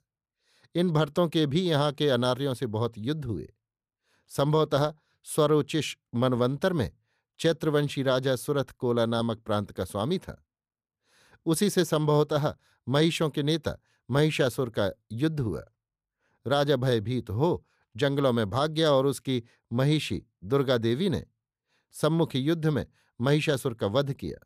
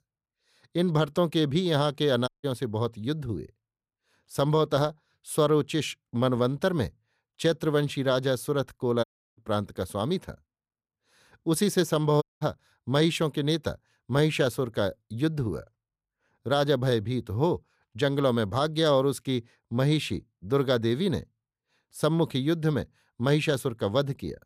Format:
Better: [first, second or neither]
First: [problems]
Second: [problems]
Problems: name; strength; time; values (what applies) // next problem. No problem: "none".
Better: first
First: none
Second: audio cutting out; at 2.5 s, at 9 s and at 12 s